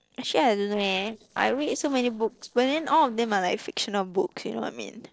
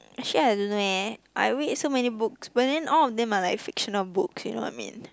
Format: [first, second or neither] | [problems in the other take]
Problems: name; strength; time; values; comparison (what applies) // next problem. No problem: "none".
second | noise reduction (neural separator model SepFormer DNS4)